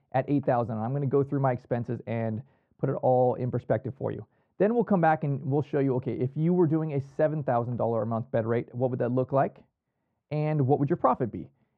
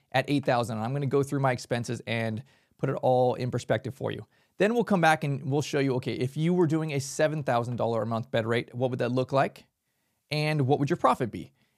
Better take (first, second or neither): second